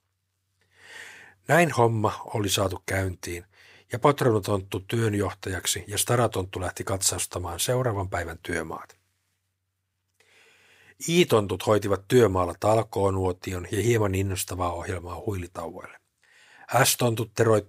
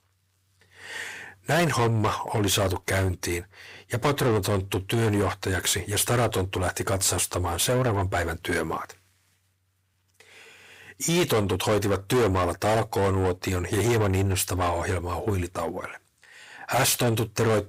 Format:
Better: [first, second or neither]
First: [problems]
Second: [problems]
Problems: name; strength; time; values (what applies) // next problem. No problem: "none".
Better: first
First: none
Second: distortion; heavy; 6 dB below the speech